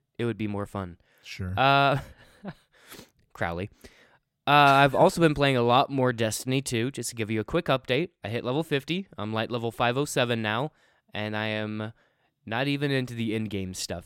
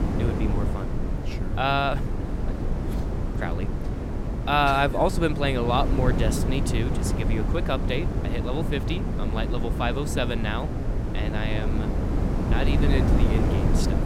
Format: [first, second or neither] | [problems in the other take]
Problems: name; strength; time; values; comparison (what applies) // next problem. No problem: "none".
first | wind noise on the microphone; heavy; 7 dB below the speech